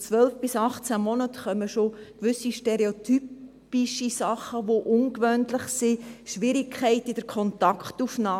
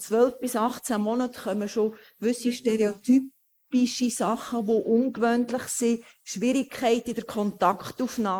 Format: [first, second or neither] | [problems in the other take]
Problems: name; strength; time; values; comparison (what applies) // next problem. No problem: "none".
first | noise reduction (neural mask model Resemble Enhance denoiser)